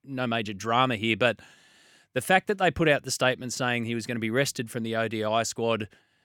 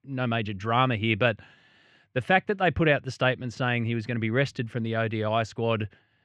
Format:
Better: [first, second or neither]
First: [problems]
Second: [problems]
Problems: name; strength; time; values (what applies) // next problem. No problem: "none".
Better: first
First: none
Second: muffled; slightly; fading above 2.5 kHz